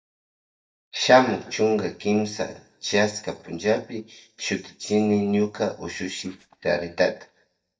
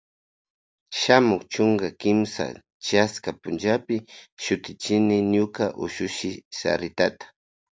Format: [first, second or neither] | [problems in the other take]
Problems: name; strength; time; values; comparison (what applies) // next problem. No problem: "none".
second | noise reduction (neural mask model DeepFilterNet 3)